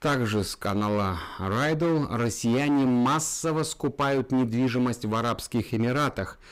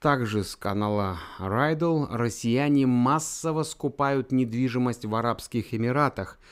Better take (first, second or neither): second